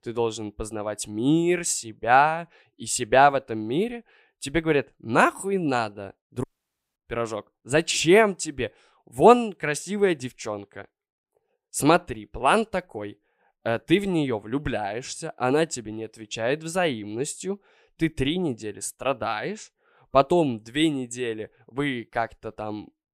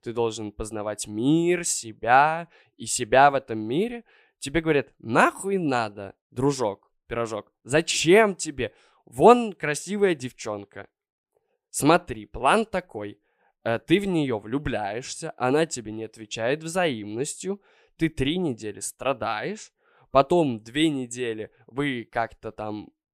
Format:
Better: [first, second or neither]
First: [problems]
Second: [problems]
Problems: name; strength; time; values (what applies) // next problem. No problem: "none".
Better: second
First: audio cutting out; at 6.5 s for 0.5 s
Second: none